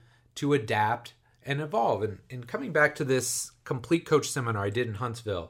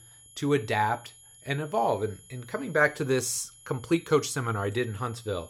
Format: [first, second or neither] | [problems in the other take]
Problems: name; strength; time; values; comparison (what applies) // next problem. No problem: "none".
first | high-pitched whine; faint; throughout; 11 kHz, 20 dB below the speech